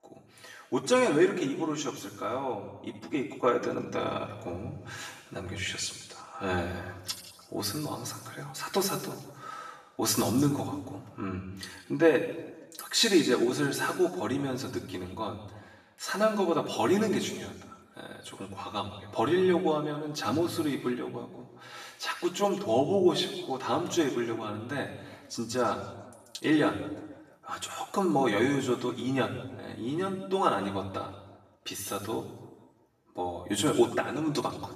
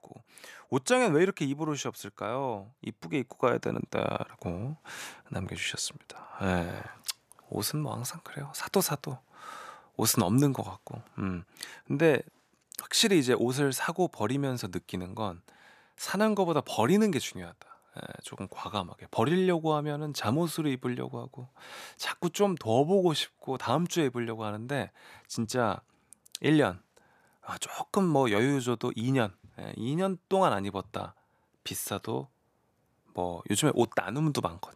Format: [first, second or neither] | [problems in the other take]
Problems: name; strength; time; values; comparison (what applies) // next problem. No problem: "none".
second | room echo; noticeable; dies away in 1.1 s // off-mic speech; far